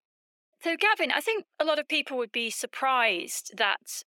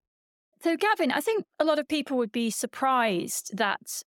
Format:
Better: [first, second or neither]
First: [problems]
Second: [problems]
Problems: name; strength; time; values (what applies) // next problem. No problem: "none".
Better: second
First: thin; somewhat; fading below 450 Hz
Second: none